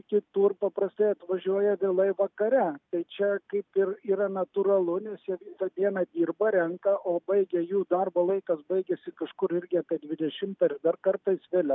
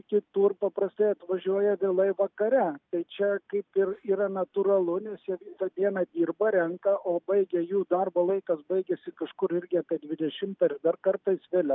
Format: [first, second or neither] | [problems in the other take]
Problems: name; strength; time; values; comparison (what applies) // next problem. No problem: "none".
first | noise reduction (neural mask model Resemble Enhance denoiser)